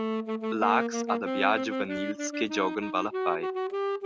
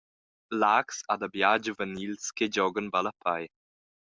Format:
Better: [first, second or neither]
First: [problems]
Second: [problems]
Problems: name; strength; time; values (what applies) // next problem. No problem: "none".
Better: second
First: background sound (Wind instrument, woodwind instrument); as loud as the speech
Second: none